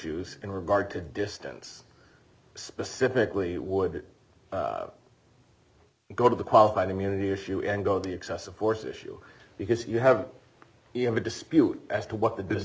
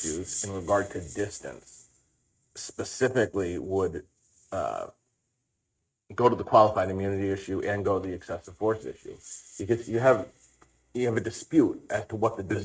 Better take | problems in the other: first | noise reduction (neural mask model RNNoise)

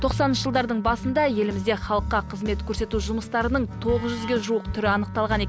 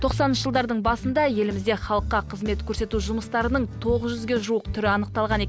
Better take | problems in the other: second | background sound (Wind instrument, woodwind instrument); 17 dB below the speech

